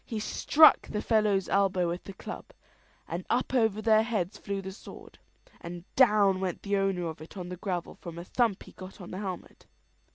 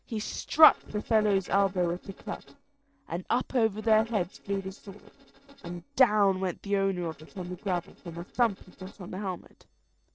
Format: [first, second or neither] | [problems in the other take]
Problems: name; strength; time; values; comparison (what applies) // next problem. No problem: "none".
first | noise reduction (neural separator model SepFormer DNS4)